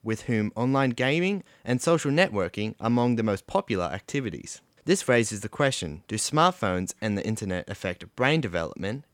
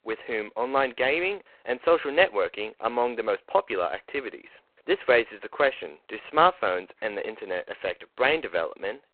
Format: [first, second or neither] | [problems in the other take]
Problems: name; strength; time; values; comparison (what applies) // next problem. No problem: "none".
first | phone-call audio; poor line